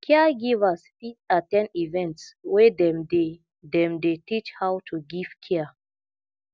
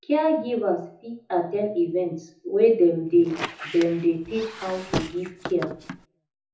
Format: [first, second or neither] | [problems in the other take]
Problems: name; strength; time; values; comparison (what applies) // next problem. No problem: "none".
first | background sound (Squeak); 10 dB below the speech // room echo; dies away in 0.6 s